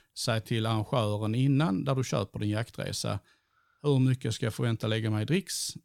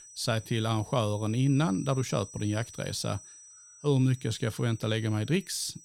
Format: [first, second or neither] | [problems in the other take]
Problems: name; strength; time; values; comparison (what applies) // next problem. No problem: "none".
first | high-pitched whine; noticeable; throughout; 6 kHz, 20 dB below the speech